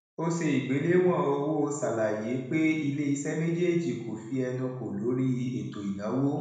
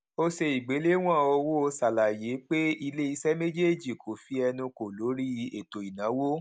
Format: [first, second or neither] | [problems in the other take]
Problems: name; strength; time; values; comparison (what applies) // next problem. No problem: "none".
second | room echo; dies away in 0.9 s